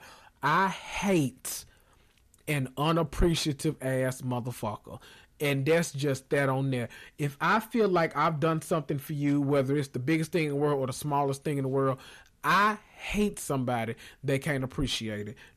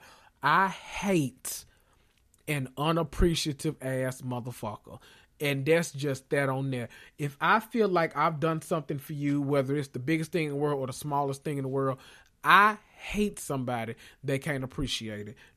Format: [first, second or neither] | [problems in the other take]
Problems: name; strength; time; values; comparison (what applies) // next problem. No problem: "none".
second | distortion; slight; 10 dB below the speech